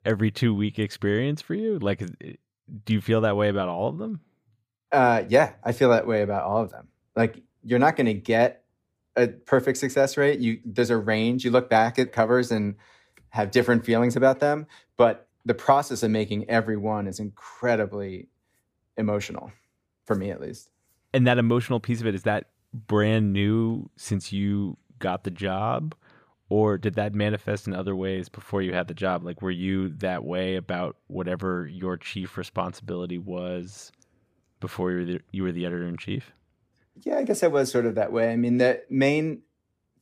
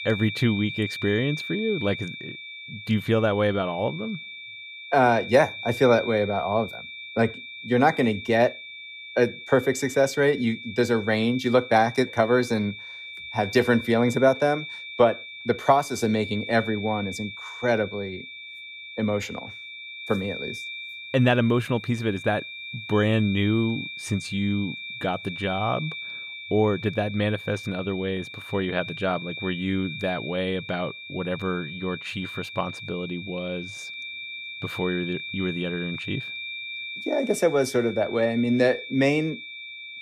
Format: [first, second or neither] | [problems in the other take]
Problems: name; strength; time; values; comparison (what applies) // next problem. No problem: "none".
first | high-pitched whine; noticeable; throughout; 2.5 kHz, 10 dB below the speech